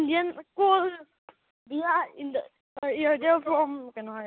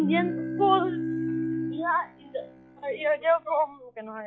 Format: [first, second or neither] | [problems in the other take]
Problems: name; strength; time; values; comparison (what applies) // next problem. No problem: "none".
first | noise reduction (classical method log-MMSE)